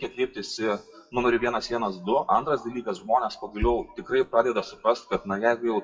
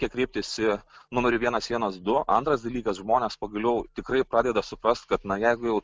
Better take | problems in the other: second | noise reduction (classical method WPE with log-MMSE)

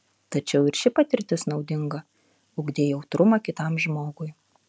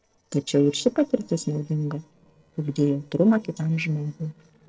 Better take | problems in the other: first | noise reduction (neural separator model SepFormer DNS4)

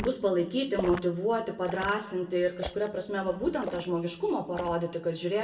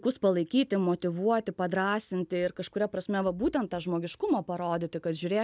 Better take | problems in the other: second | background sound (Liquid); 13 dB below the speech // room echo; dies away in 0.7 s

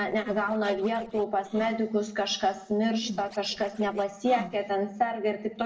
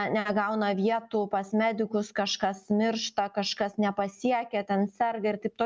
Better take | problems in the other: second | noise reduction (neural separator model SepFormer DNS4)

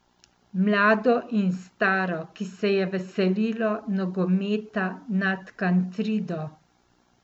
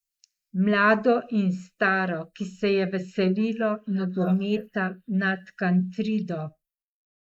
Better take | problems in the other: first | noise reduction (neural mask model Resemble Enhance denoiser)

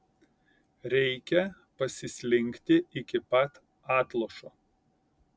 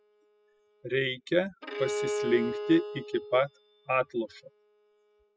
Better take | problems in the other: first | noise reduction (classical method spectral subtraction)

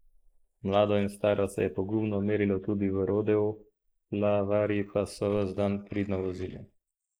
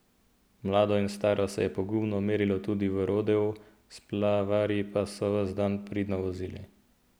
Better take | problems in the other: second | noise reduction (neural mask model Resemble Enhance denoiser)

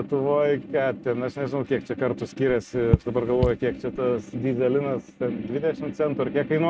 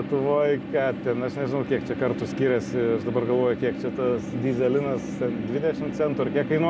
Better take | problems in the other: second | noise reduction (neural mask model RNNoise)

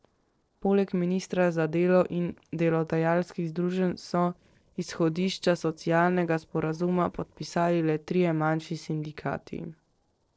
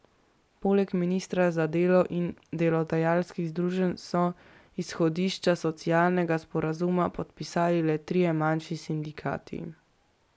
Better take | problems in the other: second | noise reduction (neural separator model SepFormer DNS4)

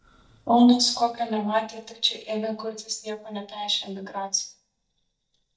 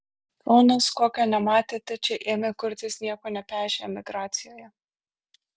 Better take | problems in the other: second | noise reduction (neural mask model DeepFilterNet 3)

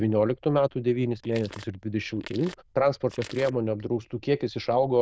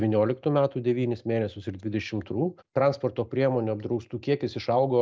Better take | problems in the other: second | noise reduction (neural diffusion model UNIVERSE++)

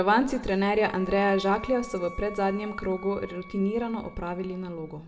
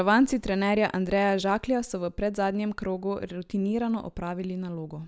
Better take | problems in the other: second | background sound (Wind instrument, woodwind instrument); 18 dB below the speech // room echo; dies away in 1.9 s

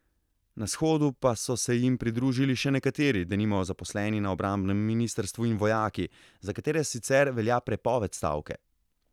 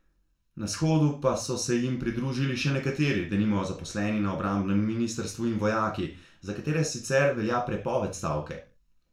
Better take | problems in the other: first | room echo; dies away in 0.3 s

